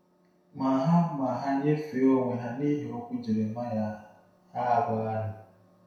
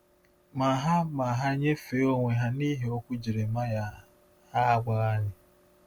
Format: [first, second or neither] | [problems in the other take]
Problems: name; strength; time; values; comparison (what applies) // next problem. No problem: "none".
second | room echo; dies away in 0.7 s